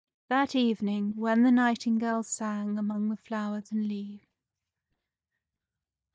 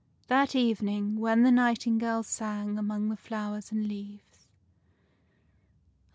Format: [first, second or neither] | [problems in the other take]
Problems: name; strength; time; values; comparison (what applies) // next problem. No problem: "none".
second | noise reduction (neural mask model DeepFilterNet 3)